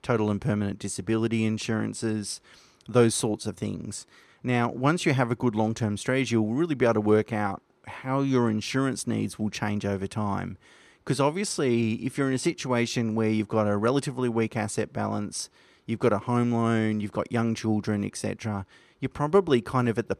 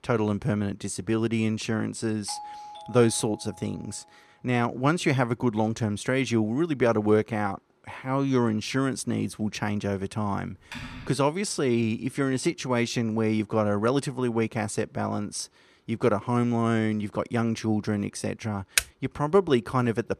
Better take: first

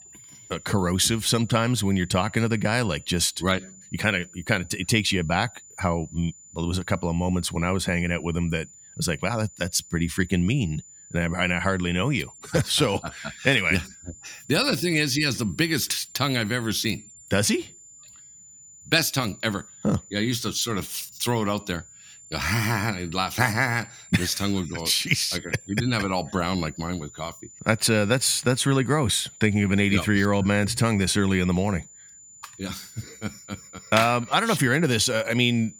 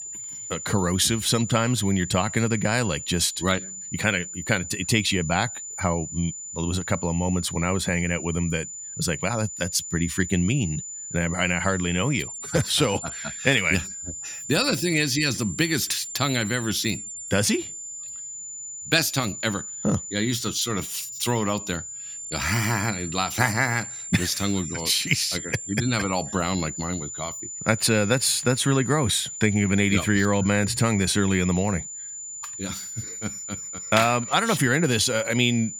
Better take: first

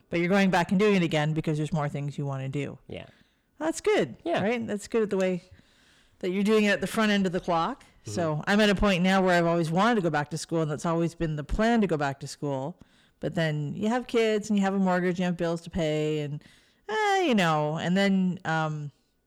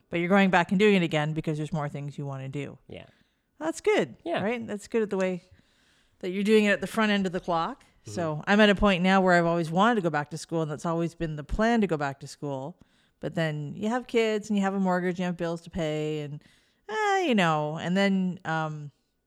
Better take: second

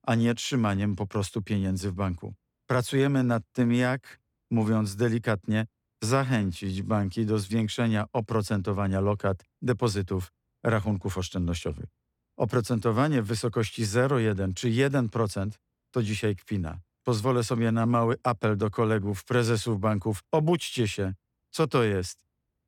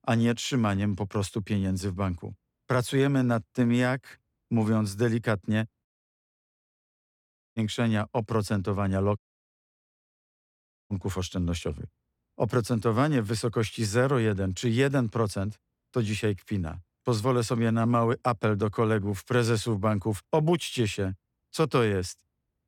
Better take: first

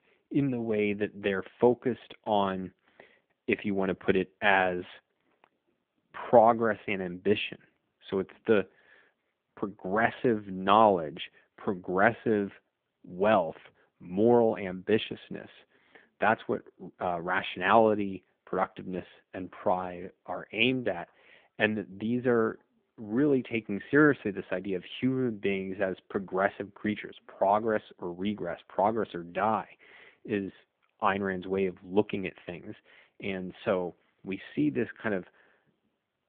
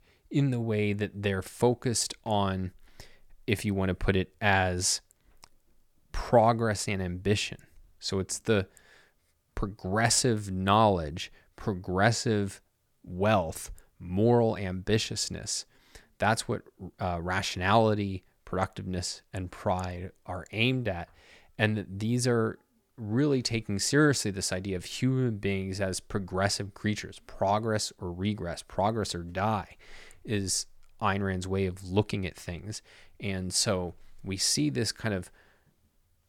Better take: second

